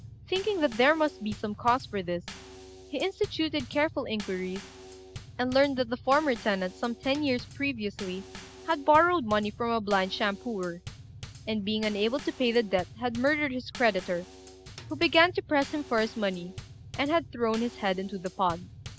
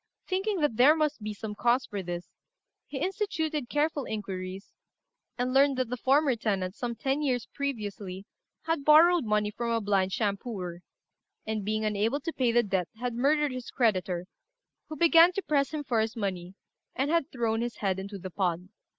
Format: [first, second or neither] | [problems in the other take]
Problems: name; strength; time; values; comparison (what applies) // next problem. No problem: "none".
second | background sound (Bass drum / Snare drum / Drum kit); 16 dB below the speech